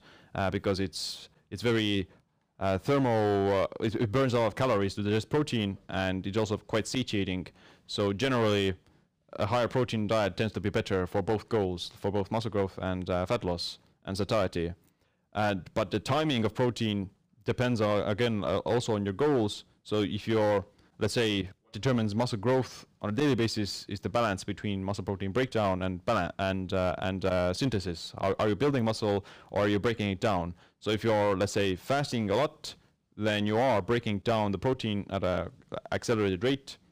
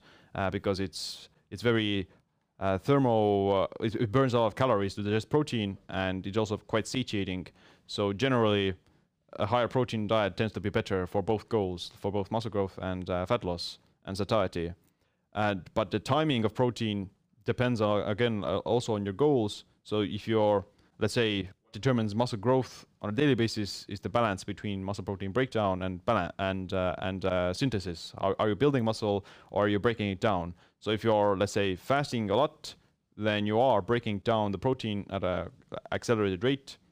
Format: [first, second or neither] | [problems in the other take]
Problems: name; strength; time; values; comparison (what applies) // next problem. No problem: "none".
second | distortion; slight; 9% of the sound clipped